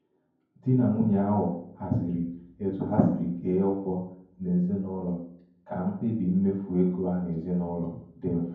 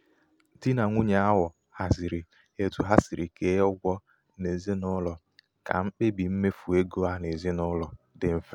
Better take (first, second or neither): second